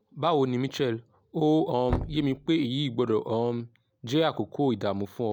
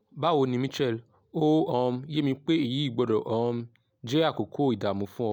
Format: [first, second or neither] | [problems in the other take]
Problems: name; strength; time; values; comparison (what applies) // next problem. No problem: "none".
second | background sound (Knock); 11 dB below the speech